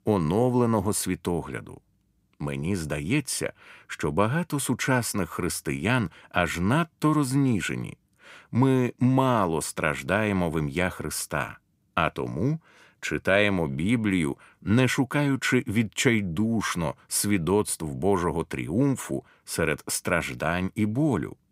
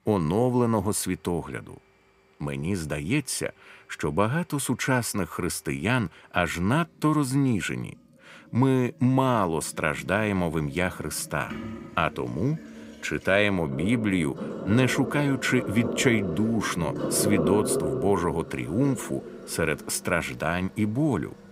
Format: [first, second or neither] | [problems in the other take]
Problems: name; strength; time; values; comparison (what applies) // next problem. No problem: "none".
first | household noises; loud; throughout; 8 dB below the speech